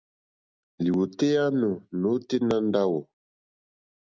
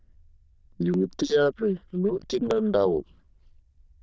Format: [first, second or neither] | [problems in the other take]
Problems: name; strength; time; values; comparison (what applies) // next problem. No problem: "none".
first | noise reduction (neural diffusion model UNIVERSE++)